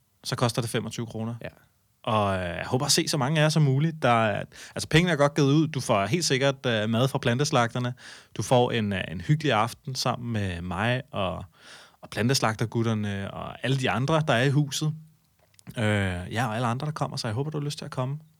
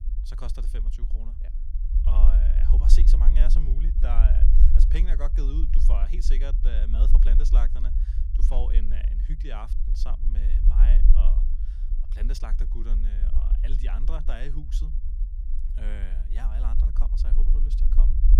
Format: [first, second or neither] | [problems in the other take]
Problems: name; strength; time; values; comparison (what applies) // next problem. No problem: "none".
first | low rumble; loud; throughout; 5 dB below the speech